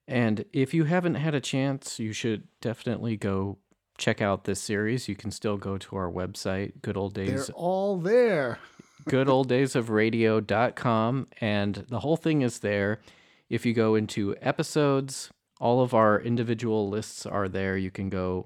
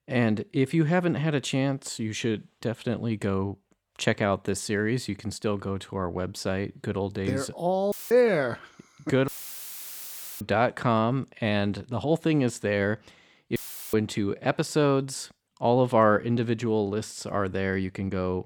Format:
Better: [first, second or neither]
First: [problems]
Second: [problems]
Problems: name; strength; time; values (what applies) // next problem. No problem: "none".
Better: first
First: none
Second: audio cutting out; filled with static; at 8 s, at 9.5 s for 1 s and at 14 s